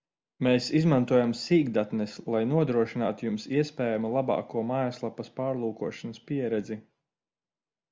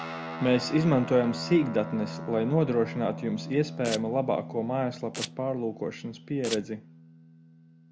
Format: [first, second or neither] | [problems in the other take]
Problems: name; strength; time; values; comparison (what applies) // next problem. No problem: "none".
first | background sound (Domestic sounds, home sounds + Guitar); 11 dB below the speech